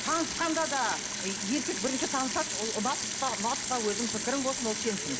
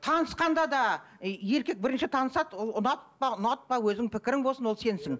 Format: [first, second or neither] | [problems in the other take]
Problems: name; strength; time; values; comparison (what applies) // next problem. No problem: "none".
second | background sound (Sink (filling or washing) / Water tap, faucet); 2 dB below the speech